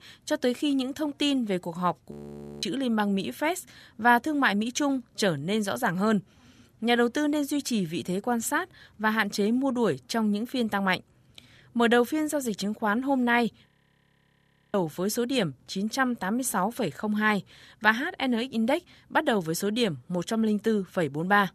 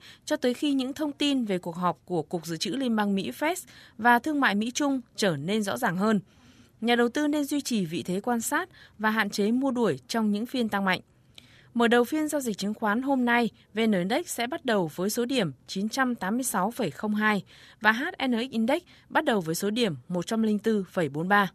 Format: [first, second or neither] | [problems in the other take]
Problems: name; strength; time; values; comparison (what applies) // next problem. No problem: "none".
second | audio freezing; at 2 s for 0.5 s and at 14 s for 1 s